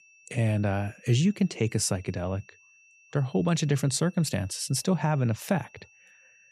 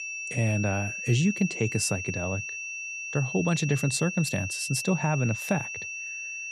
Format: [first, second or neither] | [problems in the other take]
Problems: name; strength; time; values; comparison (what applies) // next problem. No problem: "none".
first | high-pitched whine; loud; throughout; 2.5 kHz, 5 dB below the speech; faint in the first